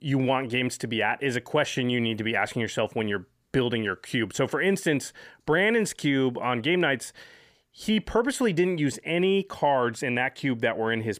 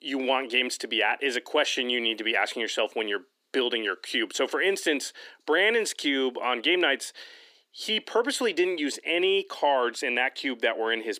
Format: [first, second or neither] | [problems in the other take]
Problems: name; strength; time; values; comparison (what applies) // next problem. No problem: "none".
first | thin; somewhat; fading below 300 Hz